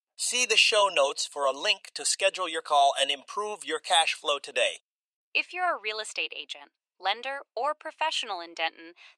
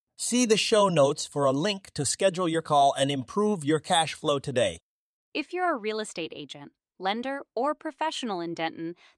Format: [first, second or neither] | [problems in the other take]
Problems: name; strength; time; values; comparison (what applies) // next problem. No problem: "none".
second | thin; very; fading below 600 Hz